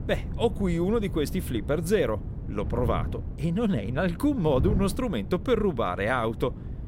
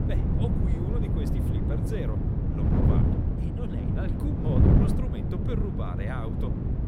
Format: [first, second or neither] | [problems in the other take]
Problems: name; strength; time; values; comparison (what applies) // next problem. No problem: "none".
first | wind noise on the microphone; heavy; 4 dB above the speech; occasional gusts in the first